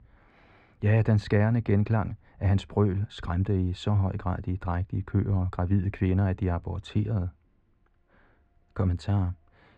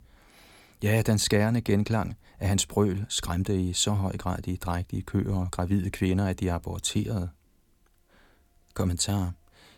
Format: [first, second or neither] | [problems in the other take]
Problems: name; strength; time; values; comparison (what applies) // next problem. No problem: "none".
second | muffled; very; fading above 2 kHz